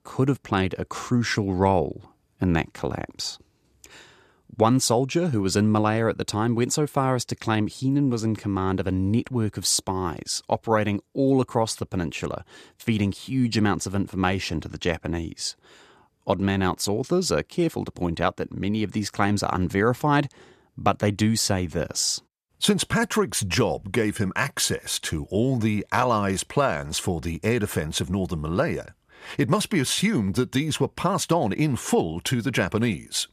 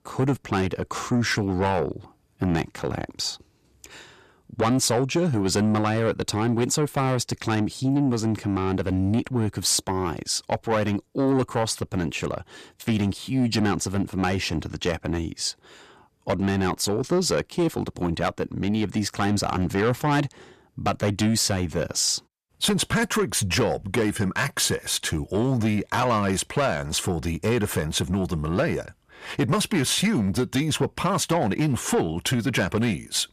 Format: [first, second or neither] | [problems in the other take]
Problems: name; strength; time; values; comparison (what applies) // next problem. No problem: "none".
first | distortion; slight; 10 dB below the speech